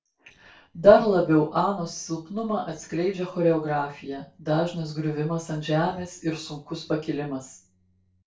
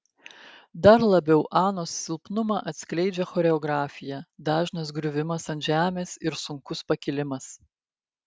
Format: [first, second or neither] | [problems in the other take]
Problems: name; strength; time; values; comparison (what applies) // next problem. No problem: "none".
second | noise reduction (neural separator model SepFormer DNS4)